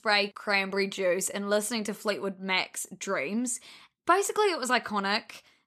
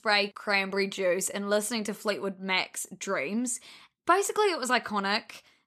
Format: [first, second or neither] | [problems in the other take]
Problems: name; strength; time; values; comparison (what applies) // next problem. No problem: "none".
neither | none